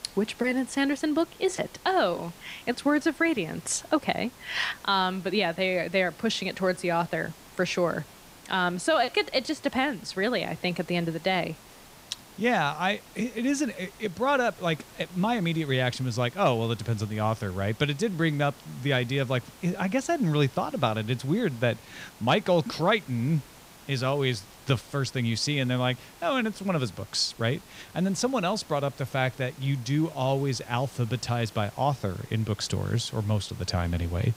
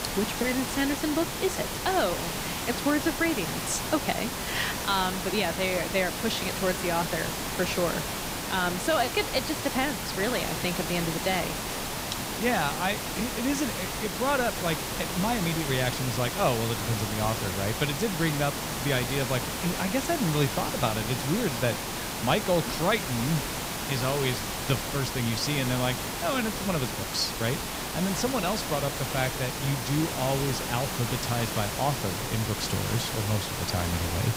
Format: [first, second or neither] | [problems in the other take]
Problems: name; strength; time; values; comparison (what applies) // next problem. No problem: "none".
first | hiss; loud; throughout; 2 dB below the speech; faint in the first